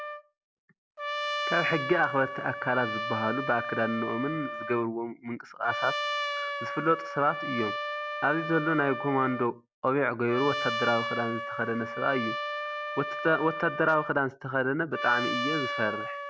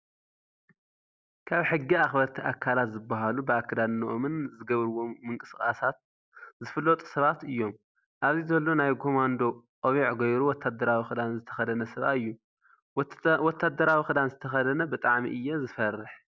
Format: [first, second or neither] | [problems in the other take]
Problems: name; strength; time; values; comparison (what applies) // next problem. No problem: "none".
second | background sound (Trumpet); 5 dB below the speech